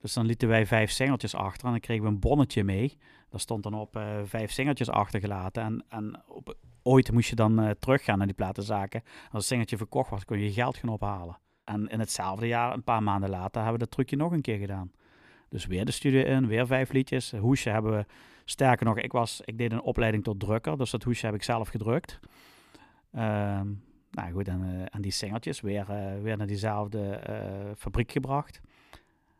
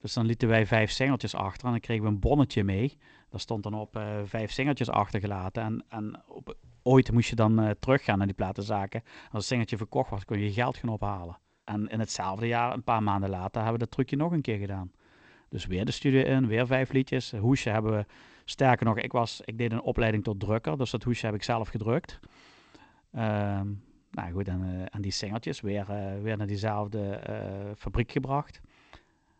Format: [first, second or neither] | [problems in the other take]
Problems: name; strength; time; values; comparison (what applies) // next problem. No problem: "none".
first | garbled, watery; slightly; nothing above 8 kHz